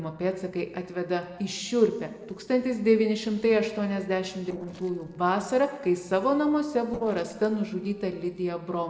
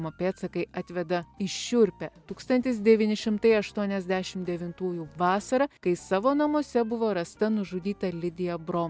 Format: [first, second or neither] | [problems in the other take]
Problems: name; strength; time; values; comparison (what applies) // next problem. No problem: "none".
second | noise reduction (neural separator model SepFormer DNS4)